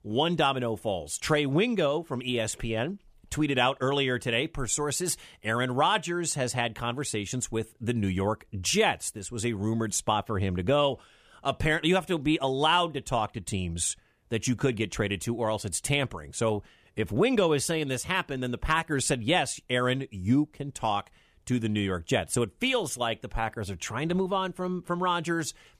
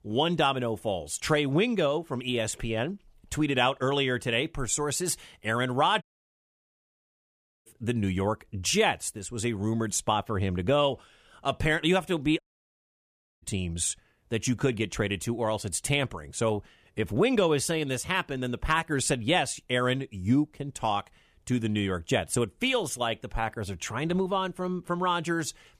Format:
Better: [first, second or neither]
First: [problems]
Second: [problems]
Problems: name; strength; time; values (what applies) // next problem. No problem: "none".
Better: first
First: none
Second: audio cutting out; at 6 s for 1.5 s and at 12 s for 1 s